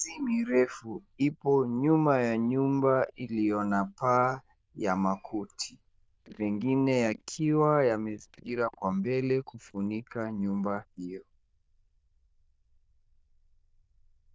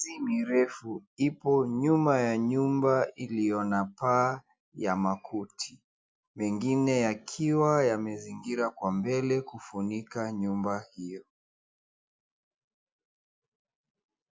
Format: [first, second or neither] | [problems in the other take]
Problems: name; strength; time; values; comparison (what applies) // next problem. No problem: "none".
second | noise reduction (neural diffusion model UNIVERSE++)